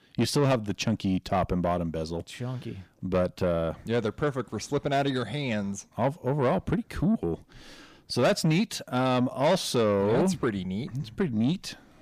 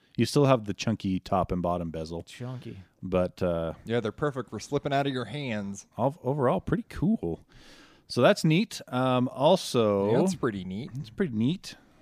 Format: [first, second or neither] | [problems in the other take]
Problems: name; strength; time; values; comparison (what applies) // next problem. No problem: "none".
second | distortion; slight; 10 dB below the speech